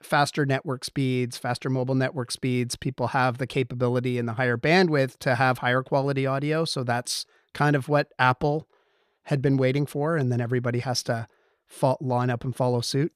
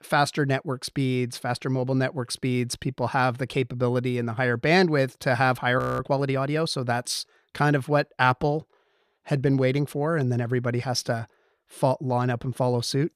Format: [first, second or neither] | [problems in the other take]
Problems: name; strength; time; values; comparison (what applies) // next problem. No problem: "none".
first | audio freezing; at 6 s